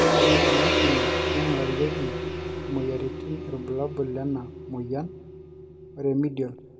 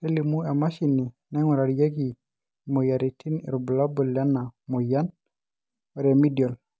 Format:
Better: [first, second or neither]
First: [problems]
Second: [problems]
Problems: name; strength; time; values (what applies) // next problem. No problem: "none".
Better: second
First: background sound (Gong); 3 dB above the speech // room echo; dies away in 0.7 s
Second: none